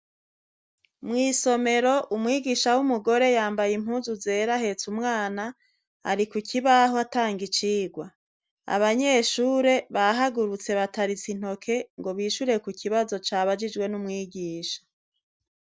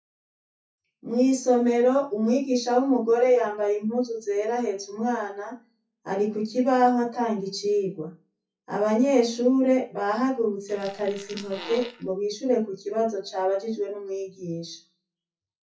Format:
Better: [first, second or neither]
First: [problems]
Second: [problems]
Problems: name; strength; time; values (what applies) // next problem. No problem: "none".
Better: first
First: none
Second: noise reduction (classical method WPE with log-MMSE)